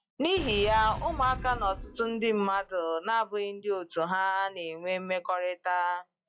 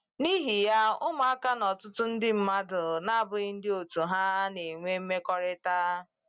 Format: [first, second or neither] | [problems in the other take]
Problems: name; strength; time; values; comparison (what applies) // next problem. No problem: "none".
second | noise reduction (classical method log-MMSE)